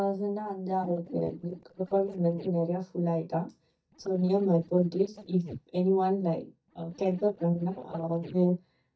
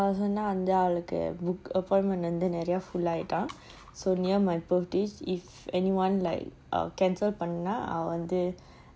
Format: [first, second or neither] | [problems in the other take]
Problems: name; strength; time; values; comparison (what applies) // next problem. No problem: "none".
second | noise reduction (neural mask model DeepFilterNet 3)